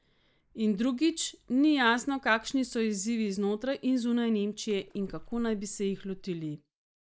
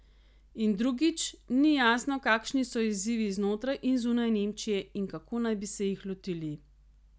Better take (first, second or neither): second